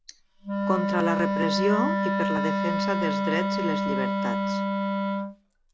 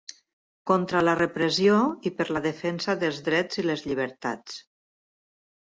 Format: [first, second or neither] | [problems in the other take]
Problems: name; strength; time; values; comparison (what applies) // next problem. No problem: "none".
second | background sound (Wind instrument, woodwind instrument); 4 dB above the speech